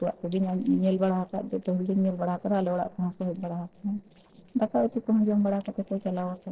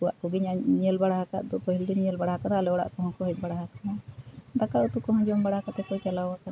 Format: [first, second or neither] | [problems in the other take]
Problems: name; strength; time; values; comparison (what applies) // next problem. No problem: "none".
second | noise reduction (neural separator model SepFormer DNS4)